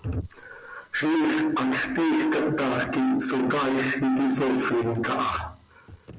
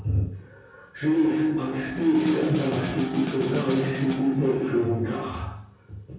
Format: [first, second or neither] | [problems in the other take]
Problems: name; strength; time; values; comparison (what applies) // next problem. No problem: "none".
first | background sound (Snare drum); 12 dB below the speech // room echo; dies away in 0.6 s